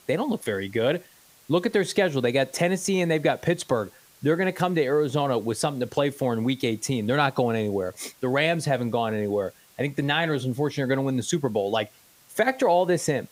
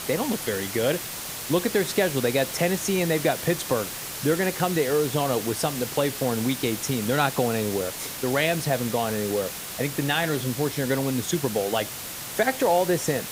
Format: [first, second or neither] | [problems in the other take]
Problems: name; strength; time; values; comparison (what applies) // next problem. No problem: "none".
first | hiss; loud; throughout; 6 dB below the speech; faint in the first